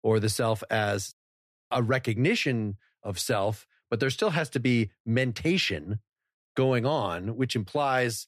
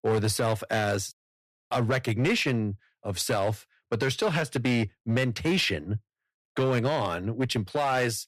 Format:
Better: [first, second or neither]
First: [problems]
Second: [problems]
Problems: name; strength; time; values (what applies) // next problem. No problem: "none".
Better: first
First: none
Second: distortion; slight; 8% of the sound clipped